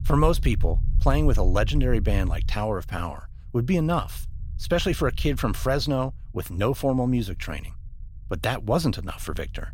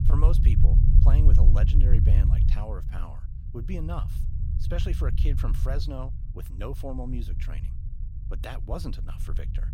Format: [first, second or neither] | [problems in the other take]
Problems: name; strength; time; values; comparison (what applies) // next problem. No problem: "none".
first | low rumble; loud; throughout; 2 dB below the speech; faint in the first